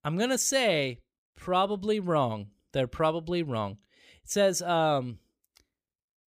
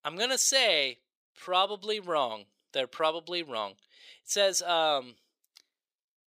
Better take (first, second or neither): first